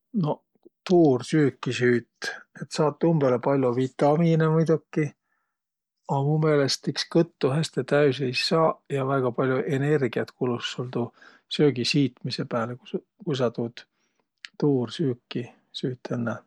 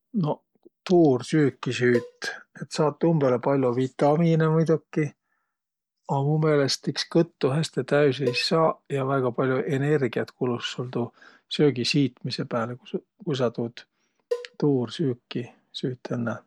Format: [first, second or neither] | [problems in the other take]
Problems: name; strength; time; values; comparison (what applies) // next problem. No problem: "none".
first | background sound (Cowbell); 12 dB below the speech